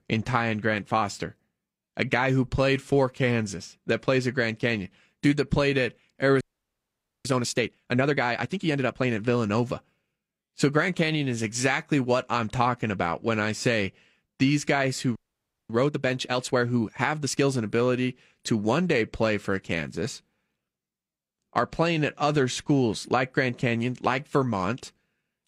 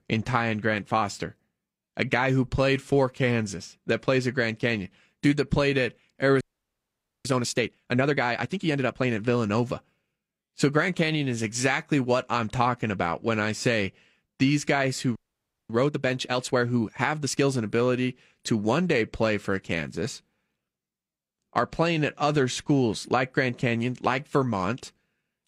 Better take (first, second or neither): neither